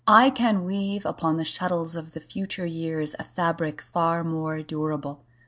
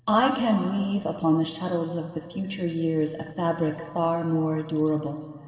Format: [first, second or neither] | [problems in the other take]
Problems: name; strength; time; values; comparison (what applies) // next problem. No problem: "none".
first | room echo; dies away in 1.8 s